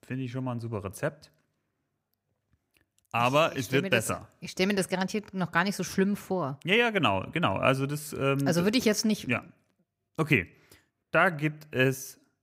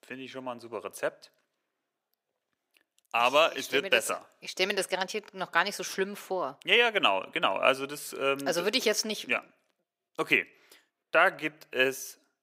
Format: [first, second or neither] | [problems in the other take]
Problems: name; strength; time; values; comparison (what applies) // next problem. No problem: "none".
first | thin; somewhat; fading below 450 Hz